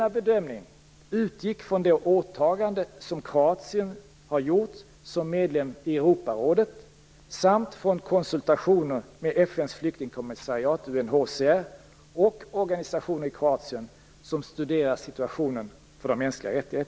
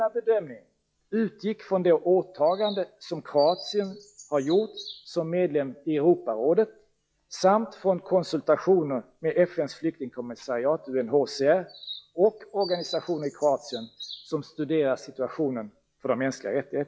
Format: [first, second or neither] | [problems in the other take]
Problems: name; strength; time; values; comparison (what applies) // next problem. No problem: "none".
first | noise reduction (classical method log-MMSE)